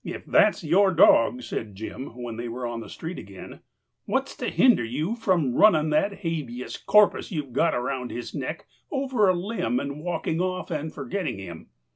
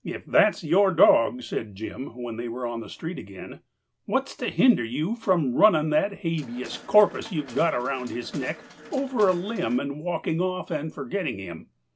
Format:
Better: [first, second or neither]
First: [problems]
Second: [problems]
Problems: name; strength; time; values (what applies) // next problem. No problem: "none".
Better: first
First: none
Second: background sound (Mechanisms); 19 dB below the speech